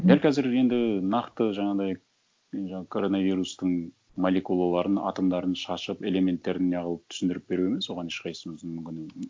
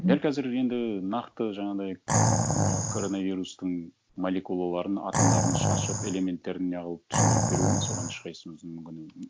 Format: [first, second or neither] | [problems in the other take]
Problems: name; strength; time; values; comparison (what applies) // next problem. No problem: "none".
first | background sound (Animal); 4 dB above the speech